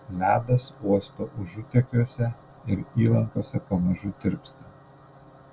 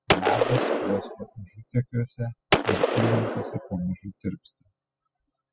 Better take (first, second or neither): first